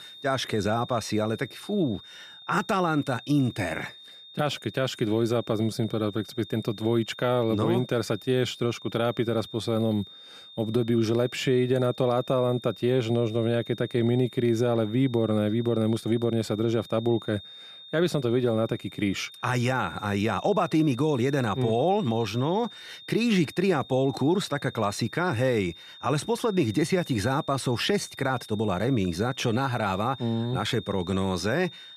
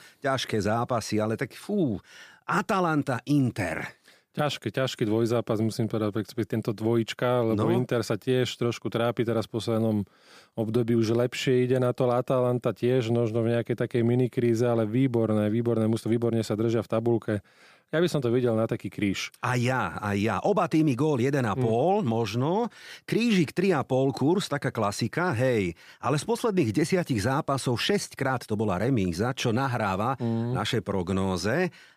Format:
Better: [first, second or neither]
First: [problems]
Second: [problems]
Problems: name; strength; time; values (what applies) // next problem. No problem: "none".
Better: second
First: high-pitched whine; noticeable; throughout; 3.5 kHz, 15 dB below the speech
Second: none